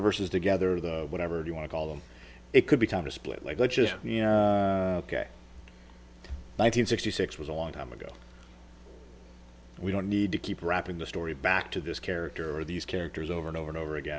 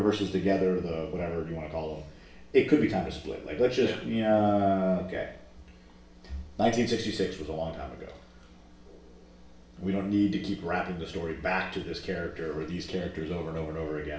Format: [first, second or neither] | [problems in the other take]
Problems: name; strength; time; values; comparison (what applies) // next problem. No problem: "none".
first | room echo; dies away in 0.6 s